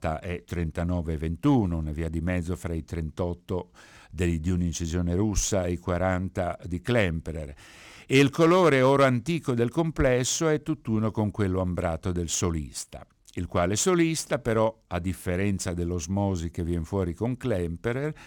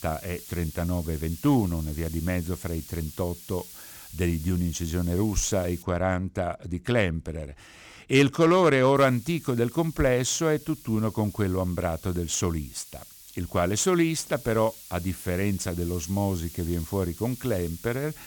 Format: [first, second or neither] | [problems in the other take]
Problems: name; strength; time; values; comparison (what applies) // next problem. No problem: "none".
first | hiss; noticeable; until 6 s and from 9 s on; 15 dB below the speech